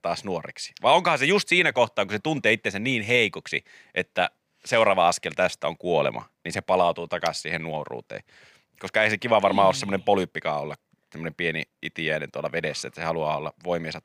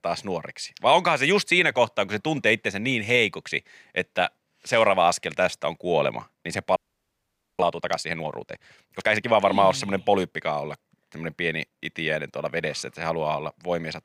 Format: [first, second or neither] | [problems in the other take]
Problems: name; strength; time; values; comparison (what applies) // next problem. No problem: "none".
first | audio freezing; at 7 s for 1 s